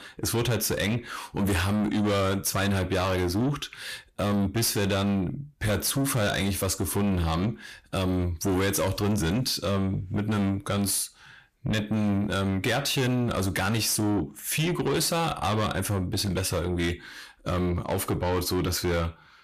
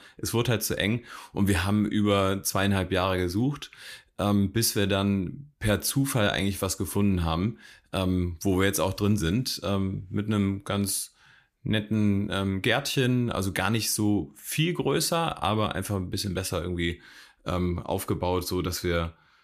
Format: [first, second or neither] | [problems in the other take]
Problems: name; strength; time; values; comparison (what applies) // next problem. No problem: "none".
second | distortion; heavy; 8 dB below the speech